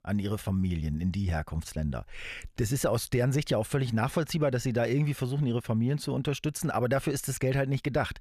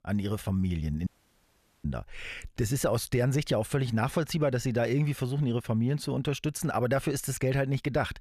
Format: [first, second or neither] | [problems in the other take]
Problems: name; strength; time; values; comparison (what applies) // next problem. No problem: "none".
first | audio cutting out; at 1 s for 1 s